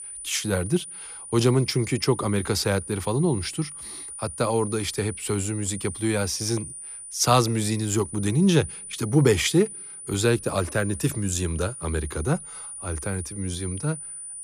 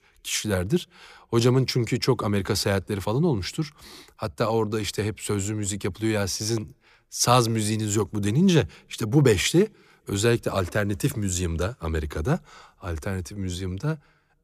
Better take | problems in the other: second | high-pitched whine; noticeable; throughout; 9.5 kHz, 10 dB below the speech

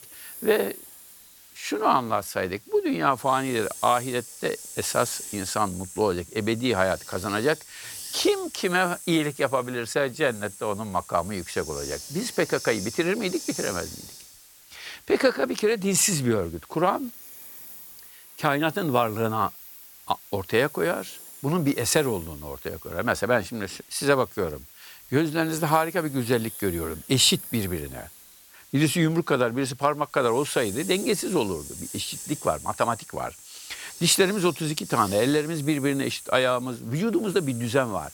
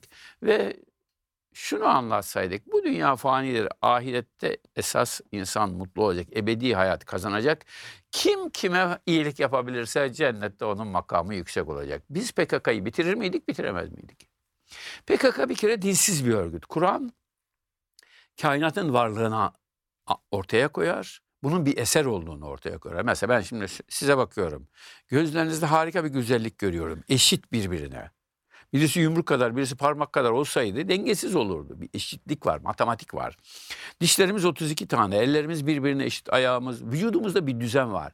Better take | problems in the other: second | hiss; noticeable; throughout; 15 dB below the speech

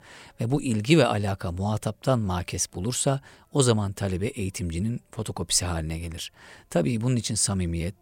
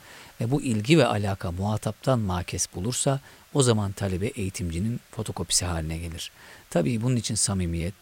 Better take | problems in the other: first | hiss; faint; throughout; 25 dB below the speech

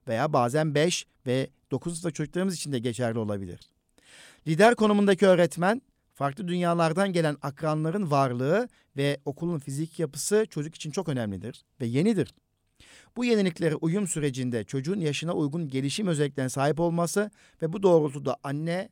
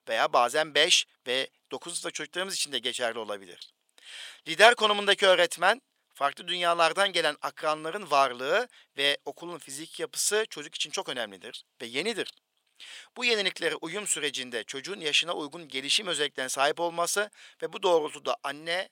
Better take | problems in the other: first | thin; very; fading below 650 Hz

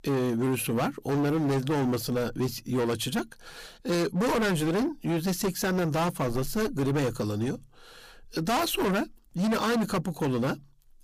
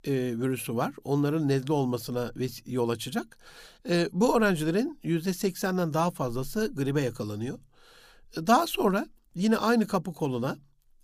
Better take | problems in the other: second | distortion; heavy; 23% of the sound clipped

